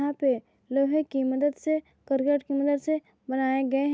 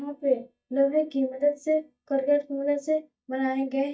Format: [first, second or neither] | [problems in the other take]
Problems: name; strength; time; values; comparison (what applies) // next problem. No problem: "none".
first | noise reduction (neural mask model DeepFilterNet 3)